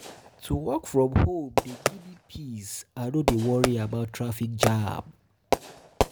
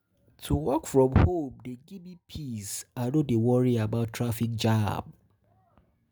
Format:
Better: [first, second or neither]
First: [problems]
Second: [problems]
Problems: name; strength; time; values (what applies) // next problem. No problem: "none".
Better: second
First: background sound (Fireworks); 4 dB below the speech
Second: none